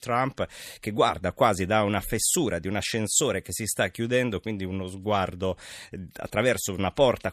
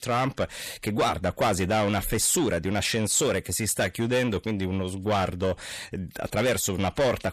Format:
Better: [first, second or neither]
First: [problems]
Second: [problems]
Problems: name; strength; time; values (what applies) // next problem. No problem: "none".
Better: first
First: none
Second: distortion; heavy; 8 dB below the speech